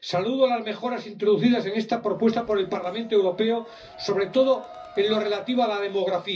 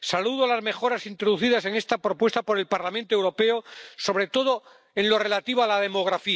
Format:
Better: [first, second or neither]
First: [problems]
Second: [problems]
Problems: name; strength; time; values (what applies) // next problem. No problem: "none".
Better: second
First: background sound (Crowd); 20 dB below the speech // room echo; dies away in 0.4 s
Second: none